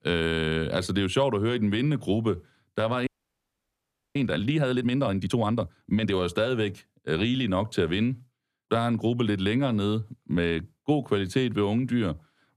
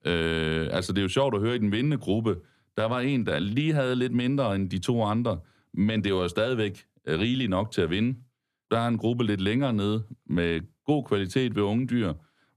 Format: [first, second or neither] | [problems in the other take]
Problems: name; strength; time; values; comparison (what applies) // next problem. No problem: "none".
second | audio freezing; at 3 s for 1 s